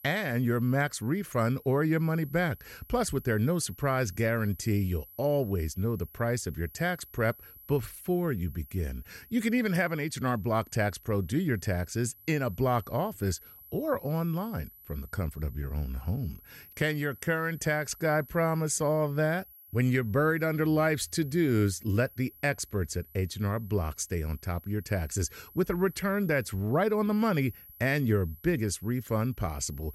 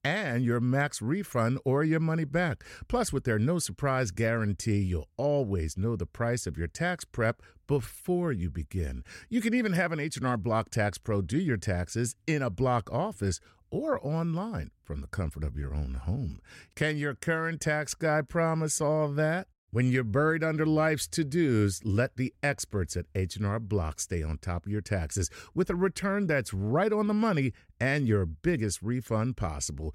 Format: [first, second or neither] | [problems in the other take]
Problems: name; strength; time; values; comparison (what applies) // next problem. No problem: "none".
second | high-pitched whine; faint; throughout; 12 kHz, 20 dB below the speech